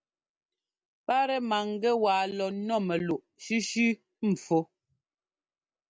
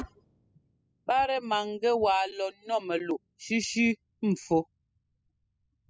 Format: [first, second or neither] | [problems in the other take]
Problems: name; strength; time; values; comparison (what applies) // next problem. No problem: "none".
first | noise reduction (classical method spectral subtraction)